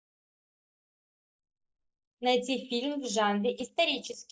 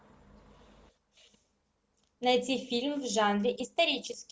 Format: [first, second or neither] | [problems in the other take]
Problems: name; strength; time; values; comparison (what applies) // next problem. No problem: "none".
second | noise reduction (neural mask model Resemble Enhance denoiser)